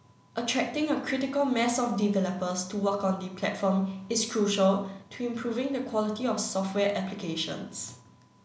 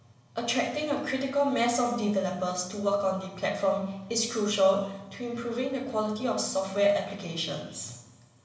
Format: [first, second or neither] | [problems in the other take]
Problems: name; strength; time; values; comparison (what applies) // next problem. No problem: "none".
first | room echo; dies away in 1 s